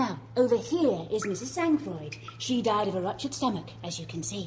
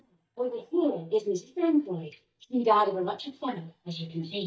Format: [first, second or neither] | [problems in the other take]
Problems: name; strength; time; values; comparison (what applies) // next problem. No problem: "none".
first | noise reduction (neural mask model DeepFilterNet 3)